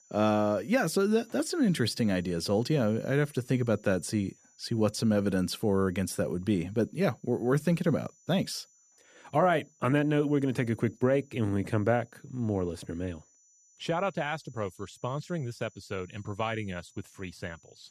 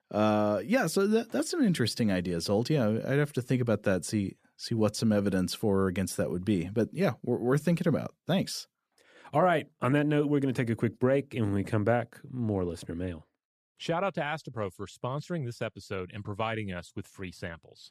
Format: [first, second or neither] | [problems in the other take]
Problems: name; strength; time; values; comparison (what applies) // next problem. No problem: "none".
second | high-pitched whine; faint; throughout; 6 kHz, 30 dB below the speech